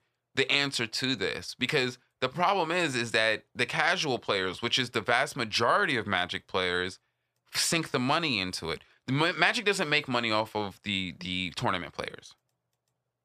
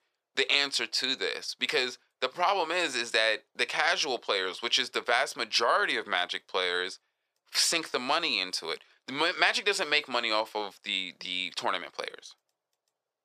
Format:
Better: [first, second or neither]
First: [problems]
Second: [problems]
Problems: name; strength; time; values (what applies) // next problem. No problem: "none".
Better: first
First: none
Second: thin; somewhat; fading below 450 Hz